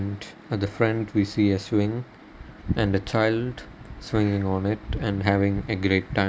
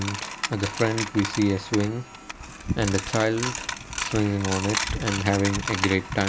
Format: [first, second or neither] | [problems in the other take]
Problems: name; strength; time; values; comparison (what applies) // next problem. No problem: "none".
first | background sound (Coin (dropping)); 7 dB below the speech